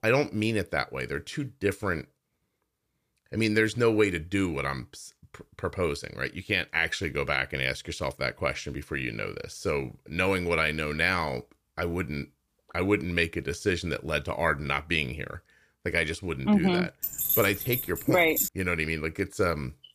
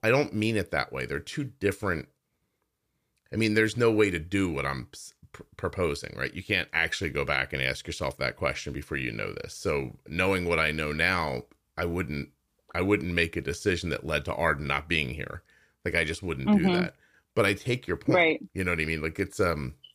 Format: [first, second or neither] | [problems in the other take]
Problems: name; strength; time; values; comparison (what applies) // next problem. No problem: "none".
second | jangling keys; loud; from 17 to 18 s; peak 3 dB above the speech